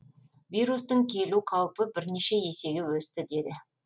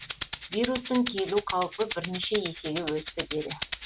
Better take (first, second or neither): first